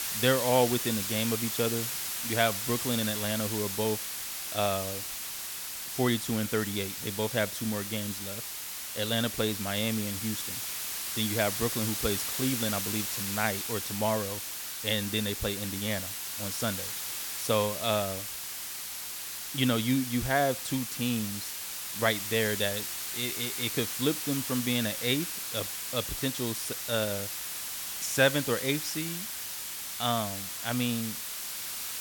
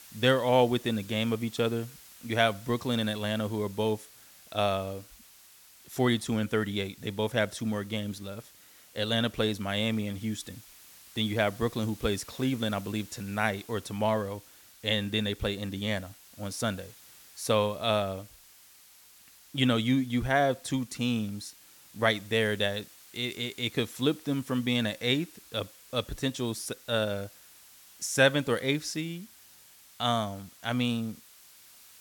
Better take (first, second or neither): second